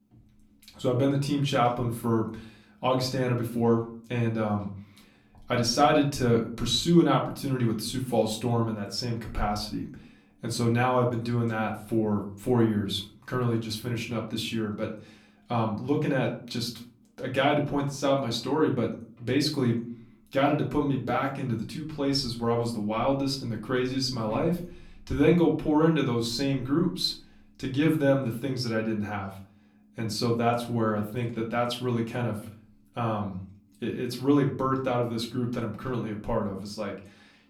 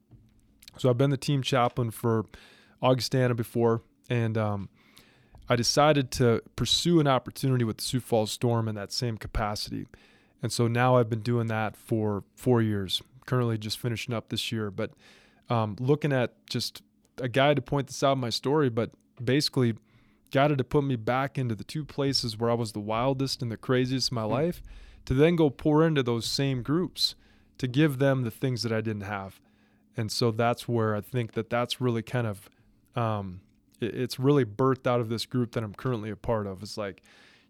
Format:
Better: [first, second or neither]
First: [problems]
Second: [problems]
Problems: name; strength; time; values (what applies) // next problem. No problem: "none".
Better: second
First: room echo; slight; dies away in 0.4 s // off-mic speech; far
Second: none